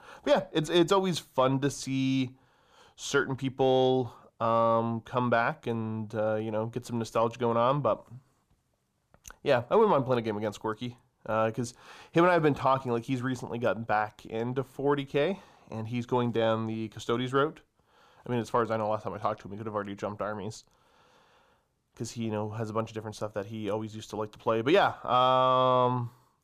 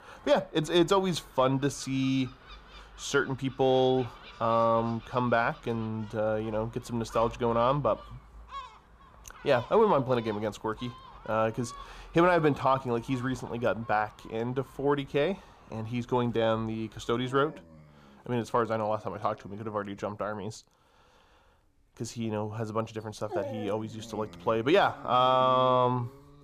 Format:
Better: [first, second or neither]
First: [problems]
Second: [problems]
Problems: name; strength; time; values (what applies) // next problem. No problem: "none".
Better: first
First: none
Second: animal sounds; noticeable; throughout; 20 dB below the speech